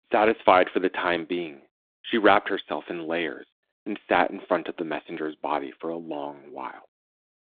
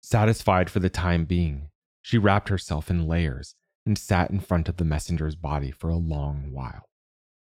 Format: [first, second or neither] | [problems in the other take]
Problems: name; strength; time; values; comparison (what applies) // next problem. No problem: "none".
second | phone-call audio